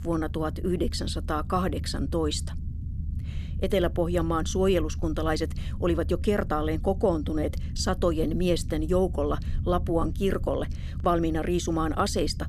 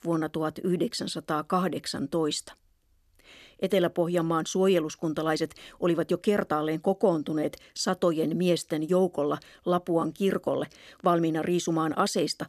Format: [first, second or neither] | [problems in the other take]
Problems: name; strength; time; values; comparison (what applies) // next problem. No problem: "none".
second | low rumble; noticeable; throughout; 20 dB below the speech